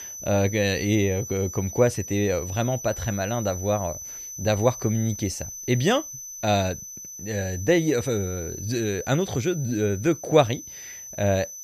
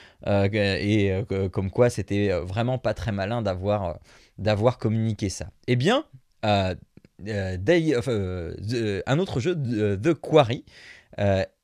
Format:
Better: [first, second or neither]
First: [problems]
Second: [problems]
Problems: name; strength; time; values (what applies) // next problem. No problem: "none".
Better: second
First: high-pitched whine; noticeable; throughout; 6 kHz, 10 dB below the speech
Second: none